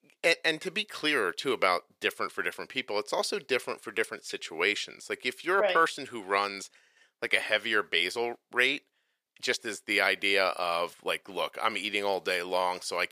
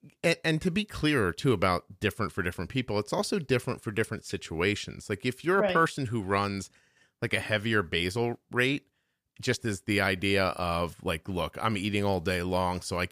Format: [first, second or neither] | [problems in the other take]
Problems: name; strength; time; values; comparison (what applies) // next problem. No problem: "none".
second | thin; somewhat; fading below 500 Hz